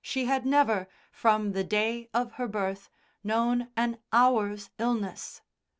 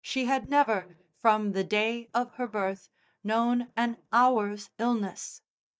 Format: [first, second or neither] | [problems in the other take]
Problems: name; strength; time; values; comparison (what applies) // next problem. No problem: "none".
first | noise reduction (neural mask model DeepFilterNet 3)